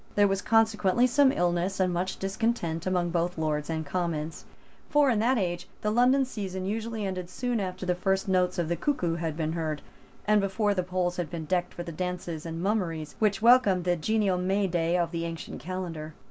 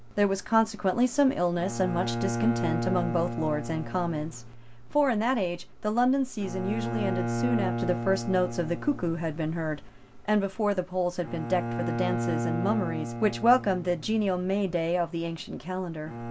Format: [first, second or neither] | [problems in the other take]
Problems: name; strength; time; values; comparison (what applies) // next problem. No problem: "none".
first | background sound (Bowed string instrument); 7 dB below the speech